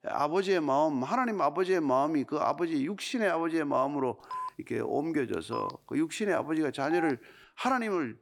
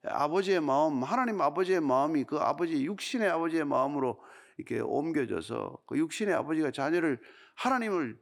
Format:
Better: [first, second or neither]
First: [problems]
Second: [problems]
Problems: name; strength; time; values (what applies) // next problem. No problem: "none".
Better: second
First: phone ringing; noticeable; from 4.5 to 7 s; peak 8 dB below the speech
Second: none